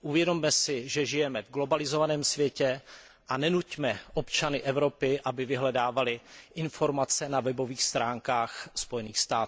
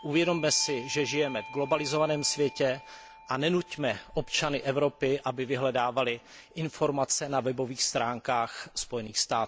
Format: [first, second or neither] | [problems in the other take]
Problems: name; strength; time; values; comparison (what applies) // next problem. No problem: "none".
first | background sound (Doorbell); 18 dB below the speech